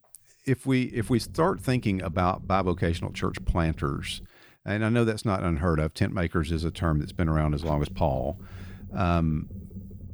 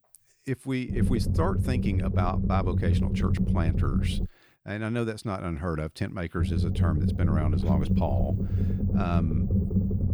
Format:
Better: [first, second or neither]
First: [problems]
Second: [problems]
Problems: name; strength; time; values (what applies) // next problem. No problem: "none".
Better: first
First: low rumble; faint; from 1 to 4.5 s and from 6.5 s on; 25 dB below the speech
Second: low rumble; loud; from 1 to 4.5 s and from 6.5 s on; 4 dB below the speech